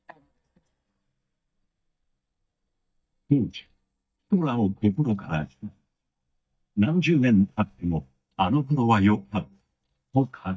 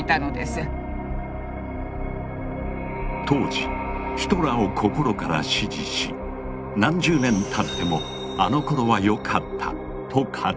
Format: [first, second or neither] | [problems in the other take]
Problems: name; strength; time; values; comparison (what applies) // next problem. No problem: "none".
second | noise reduction (neural mask model DeepFilterNet 3)